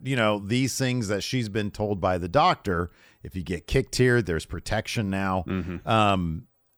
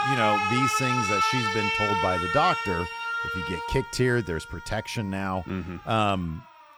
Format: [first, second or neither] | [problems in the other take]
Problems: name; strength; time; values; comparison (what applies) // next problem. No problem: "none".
first | alarms or sirens; very loud; throughout; 2 dB above the speech